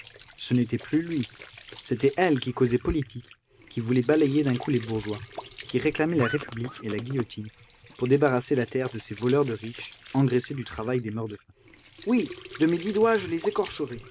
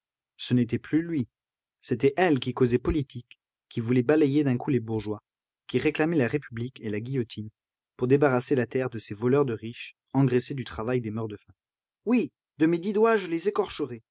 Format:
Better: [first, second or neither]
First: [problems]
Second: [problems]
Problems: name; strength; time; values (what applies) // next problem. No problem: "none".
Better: second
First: background sound (Squeak / Trickle, dribble / Sink (filling or washing)); 17 dB below the speech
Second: none